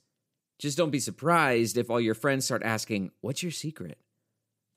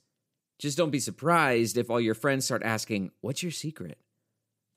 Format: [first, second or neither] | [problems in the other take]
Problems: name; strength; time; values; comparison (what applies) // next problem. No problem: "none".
neither | none